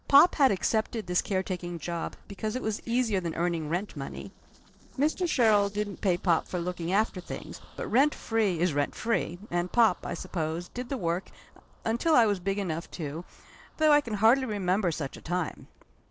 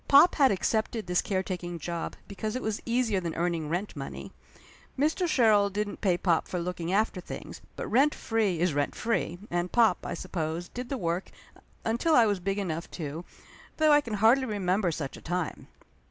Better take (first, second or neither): second